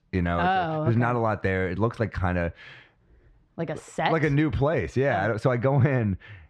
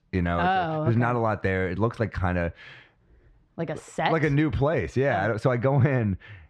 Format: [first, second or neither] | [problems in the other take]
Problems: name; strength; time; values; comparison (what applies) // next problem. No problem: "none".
neither | muffled; slightly; fading above 3 kHz; the same in both